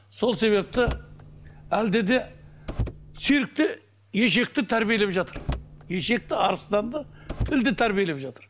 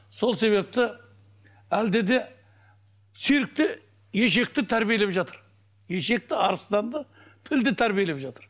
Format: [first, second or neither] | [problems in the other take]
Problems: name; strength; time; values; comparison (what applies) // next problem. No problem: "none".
second | background sound (Car); 10 dB below the speech